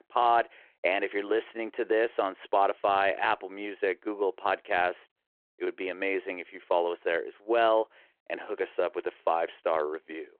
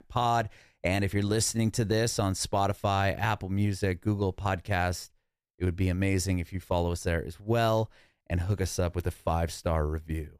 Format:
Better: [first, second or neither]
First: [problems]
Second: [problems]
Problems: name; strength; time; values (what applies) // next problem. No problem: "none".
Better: second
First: phone-call audio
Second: none